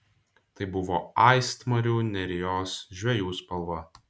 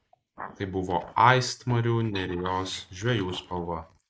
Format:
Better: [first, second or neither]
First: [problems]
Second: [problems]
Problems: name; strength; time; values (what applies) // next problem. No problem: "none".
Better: first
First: none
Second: noise reduction (neural mask model Resemble Enhance denoiser)